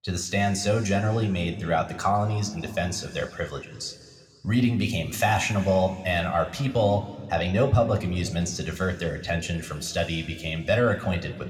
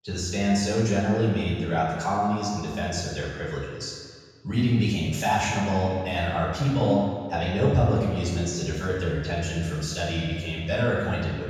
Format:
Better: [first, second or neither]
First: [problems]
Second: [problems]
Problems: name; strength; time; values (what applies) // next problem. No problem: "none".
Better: first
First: room echo; slight; dies away in 1.9 s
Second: room echo; strong; dies away in 1.7 s // off-mic speech; far